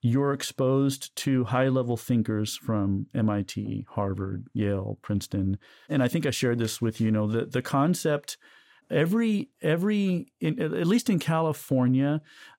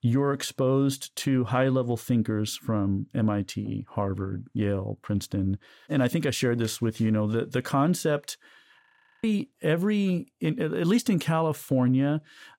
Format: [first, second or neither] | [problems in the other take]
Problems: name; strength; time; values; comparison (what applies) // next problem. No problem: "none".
first | audio freezing; at 9 s